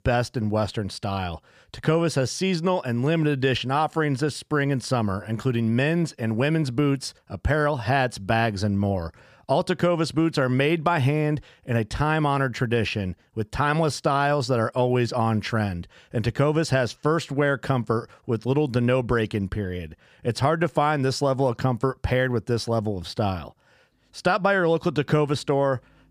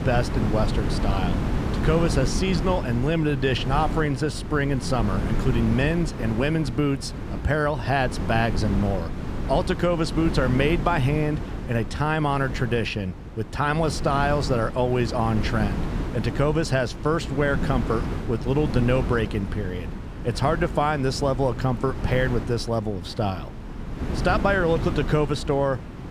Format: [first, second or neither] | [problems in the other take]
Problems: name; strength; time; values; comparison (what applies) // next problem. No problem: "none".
first | wind noise on the microphone; occasional gusts; 10 dB below the speech